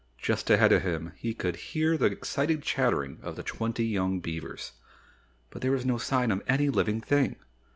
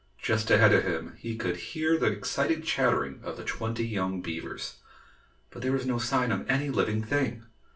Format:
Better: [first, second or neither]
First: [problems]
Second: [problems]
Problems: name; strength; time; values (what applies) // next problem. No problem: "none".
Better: first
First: none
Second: room echo; dies away in 0.2 s